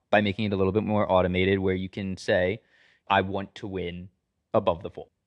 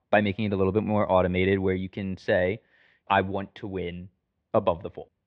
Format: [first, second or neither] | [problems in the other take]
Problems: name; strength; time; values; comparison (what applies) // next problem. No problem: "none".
first | muffled; slightly; fading above 3 kHz